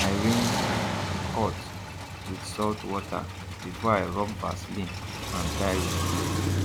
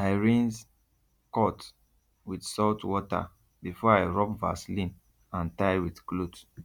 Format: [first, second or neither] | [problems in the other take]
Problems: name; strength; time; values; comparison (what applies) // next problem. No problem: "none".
second | background sound (Car); 1 dB above the speech